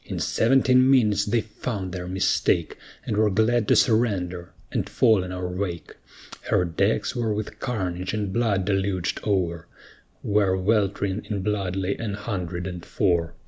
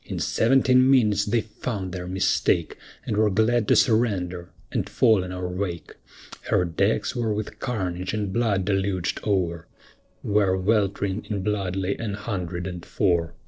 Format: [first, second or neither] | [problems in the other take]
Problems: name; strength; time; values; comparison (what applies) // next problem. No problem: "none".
first | noise reduction (neural separator model SepFormer DNS4)